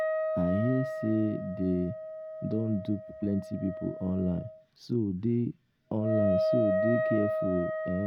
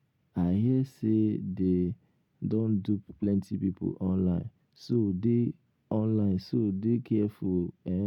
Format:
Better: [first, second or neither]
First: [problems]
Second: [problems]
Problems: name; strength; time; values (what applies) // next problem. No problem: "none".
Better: second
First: background sound (Wind instrument, woodwind instrument); 2 dB below the speech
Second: none